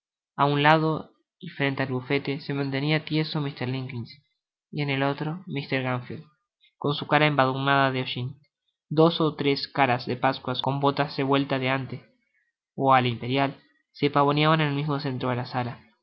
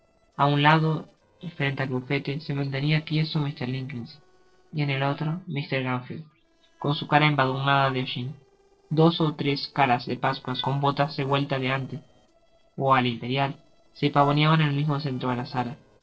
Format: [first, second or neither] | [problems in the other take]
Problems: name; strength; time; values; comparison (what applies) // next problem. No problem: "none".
first | noise reduction (neural separator model SepFormer DNS4)